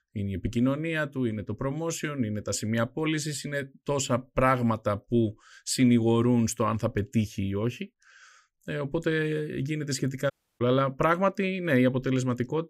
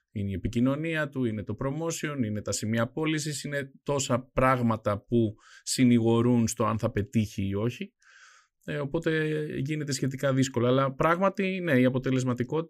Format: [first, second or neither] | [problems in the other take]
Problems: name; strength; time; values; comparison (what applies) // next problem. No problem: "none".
second | audio cutting out; at 10 s